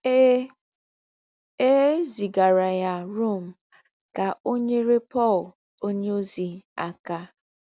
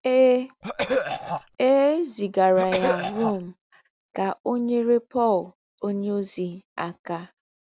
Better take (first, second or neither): first